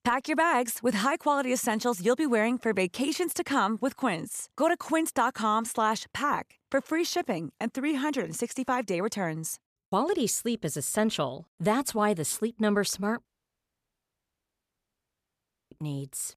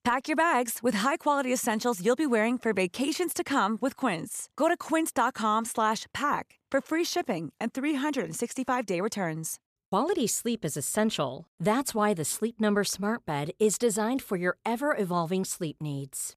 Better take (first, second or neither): second